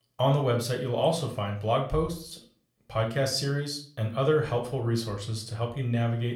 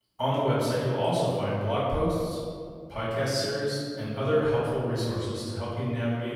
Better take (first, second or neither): first